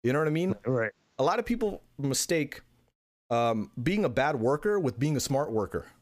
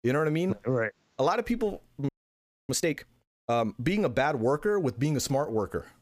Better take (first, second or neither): first